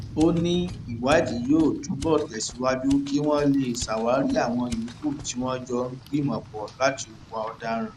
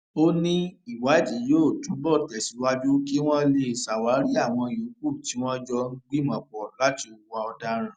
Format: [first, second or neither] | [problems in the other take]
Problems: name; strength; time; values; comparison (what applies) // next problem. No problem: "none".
second | background sound (Rain + Mechanisms); 15 dB below the speech